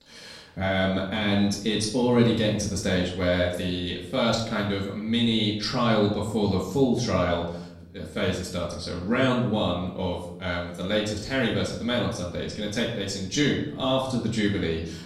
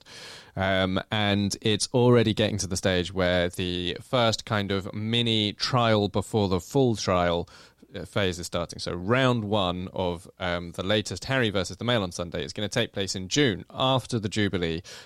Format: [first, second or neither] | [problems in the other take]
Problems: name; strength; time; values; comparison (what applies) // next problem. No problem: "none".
second | off-mic speech; far // room echo; noticeable; dies away in 0.7 s